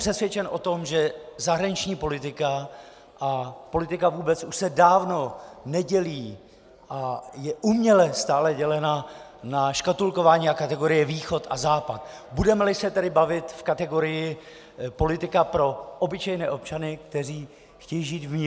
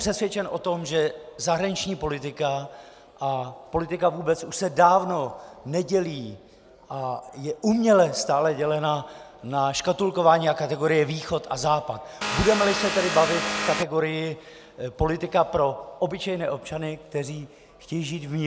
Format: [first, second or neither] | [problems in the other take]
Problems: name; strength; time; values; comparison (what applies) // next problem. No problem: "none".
first | background sound (Vehicle); 2 dB below the speech